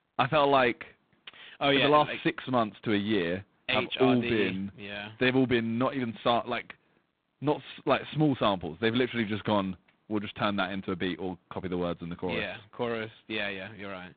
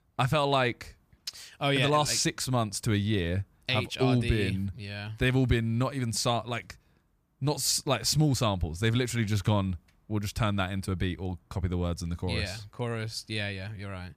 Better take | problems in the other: second | phone-call audio; poor line; nothing above 3.5 kHz

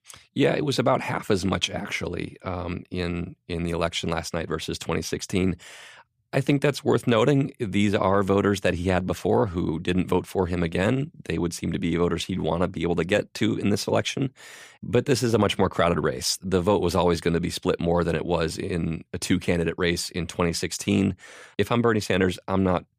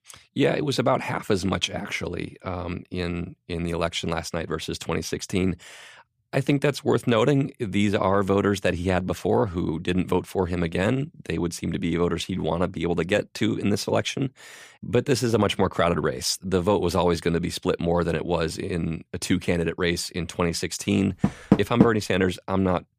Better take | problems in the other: first | door banging; loud; at 21 s; peak 4 dB above the speech

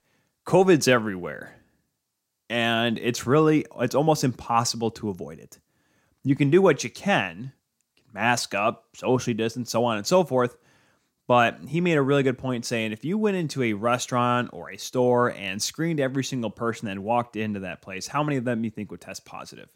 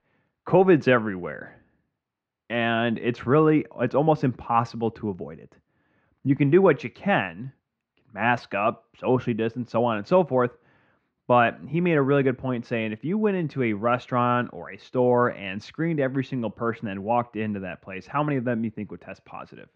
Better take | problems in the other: first | muffled; very; fading above 2.5 kHz

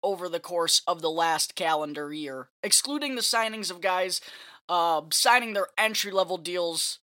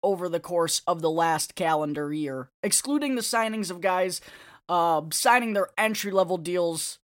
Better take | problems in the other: second | thin; very slightly; fading below 1 kHz

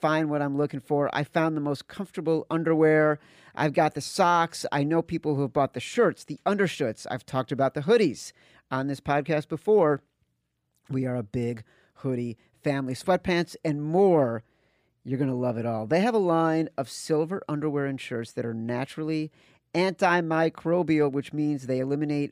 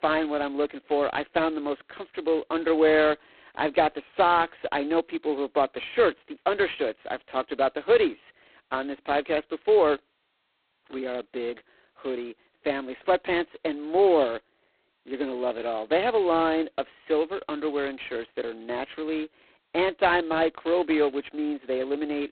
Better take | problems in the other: first | phone-call audio; poor line; nothing above 4 kHz

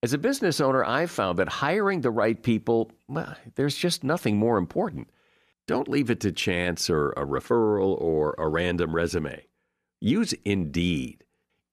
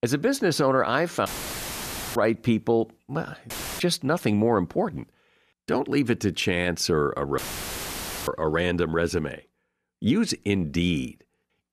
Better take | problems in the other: first | audio cutting out; filled with static; at 1.5 s for 1 s, at 3.5 s and at 7.5 s for 1 s

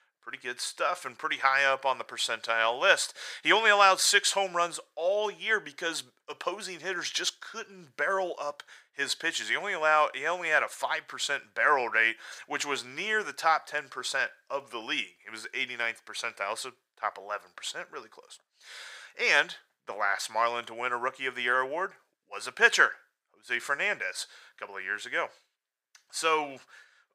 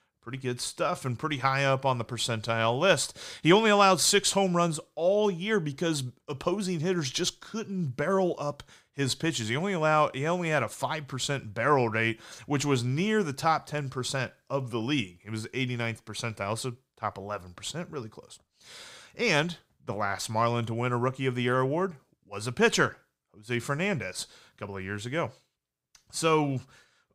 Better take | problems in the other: second | thin; very; fading below 600 Hz

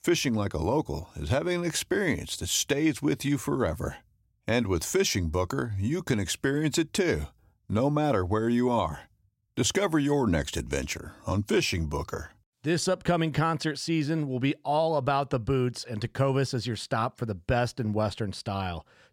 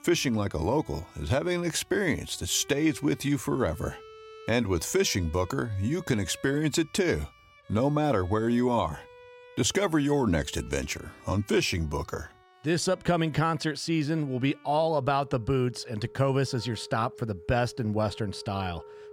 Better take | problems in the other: first | background music; faint; throughout; 25 dB below the speech

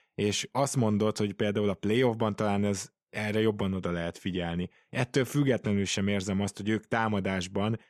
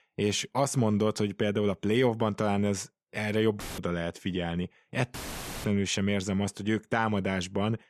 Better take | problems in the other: first | audio cutting out; filled with static; at 3.5 s and at 5 s for 0.5 s

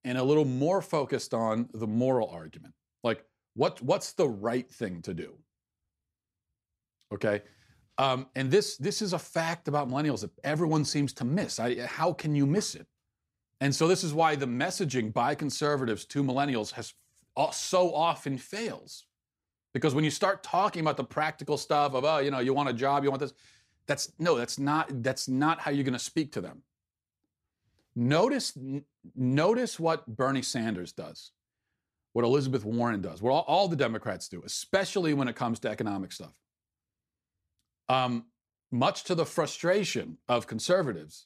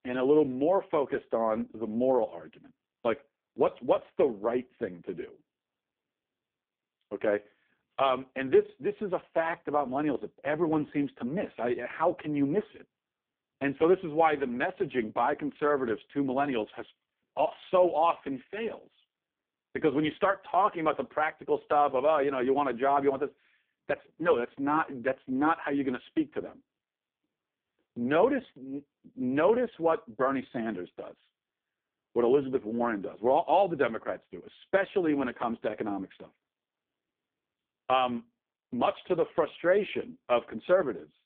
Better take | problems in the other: first | phone-call audio; poor line

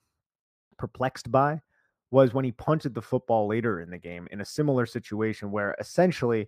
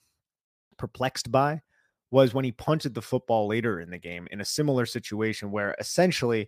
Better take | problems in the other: second | muffled; slightly; fading above 2 kHz

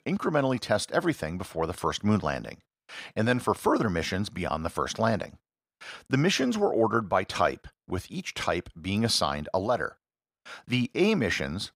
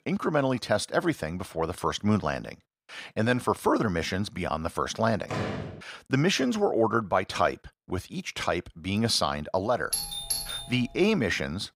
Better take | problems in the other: first | door banging; noticeable; at 5.5 s; peak 4 dB below the speech // doorbell; noticeable; at 10 s; peak 1 dB below the speech

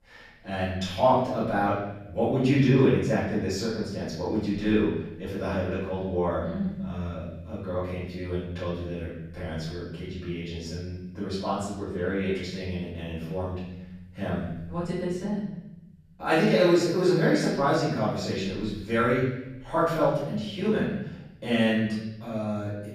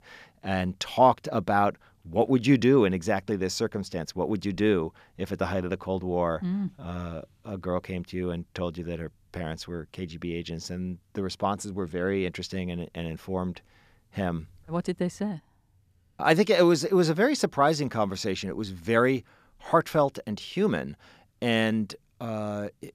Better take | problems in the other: second | off-mic speech; far // room echo; noticeable; dies away in 1 s

